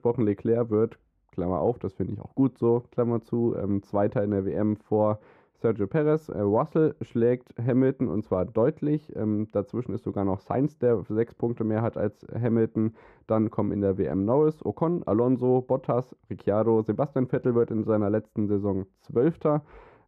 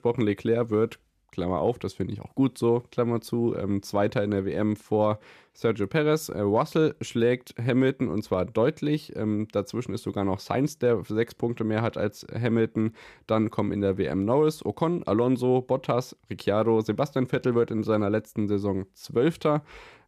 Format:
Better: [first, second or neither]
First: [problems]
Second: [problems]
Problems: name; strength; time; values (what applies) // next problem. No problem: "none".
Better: second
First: muffled; very; fading above 2 kHz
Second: none